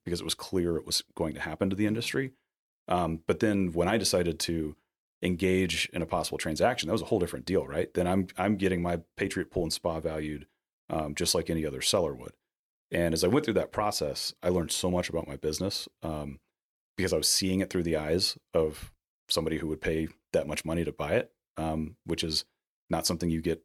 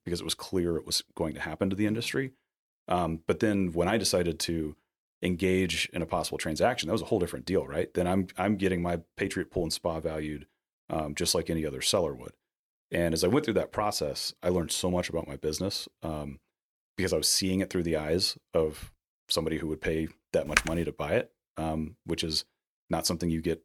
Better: first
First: none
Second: keyboard typing; loud; at 21 s; peak 1 dB above the speech

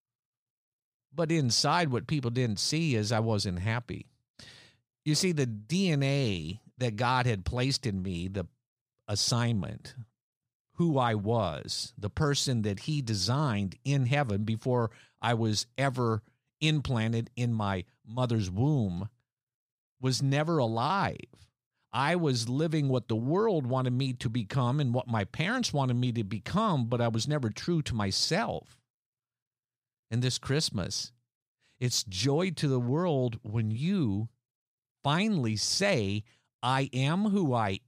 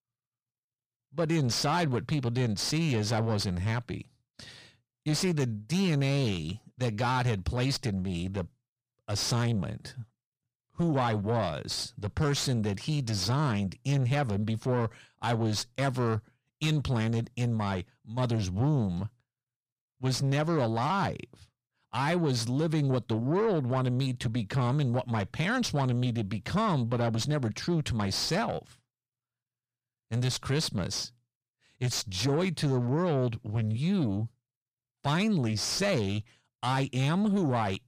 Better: first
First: none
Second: distortion; slight; 10 dB below the speech

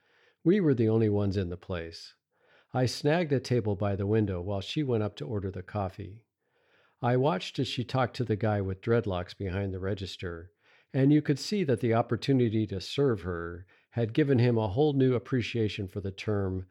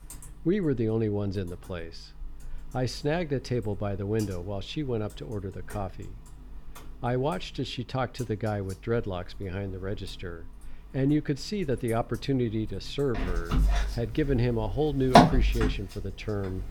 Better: first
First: none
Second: household noises; very loud; throughout; 4 dB above the speech

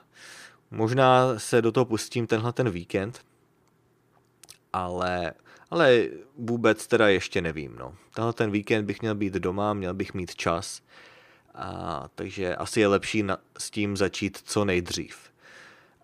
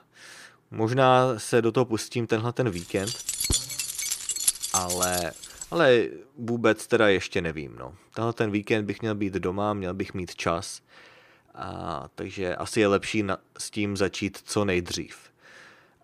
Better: first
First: none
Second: jangling keys; loud; from 3 to 5.5 s; peak 3 dB above the speech

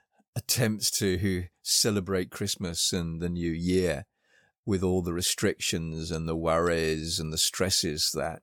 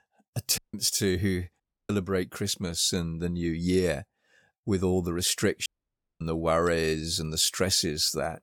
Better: first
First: none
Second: audio cutting out; at 0.5 s, at 1.5 s and at 5.5 s for 0.5 s

